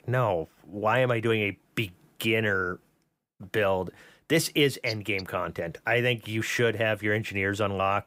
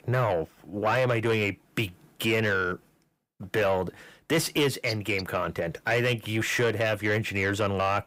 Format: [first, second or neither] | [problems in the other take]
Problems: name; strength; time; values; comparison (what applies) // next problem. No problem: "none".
first | distortion; slight; 10 dB below the speech